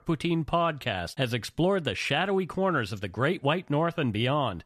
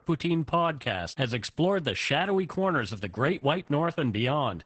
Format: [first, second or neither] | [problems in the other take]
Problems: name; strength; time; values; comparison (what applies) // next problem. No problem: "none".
first | garbled, watery; badly; nothing above 8 kHz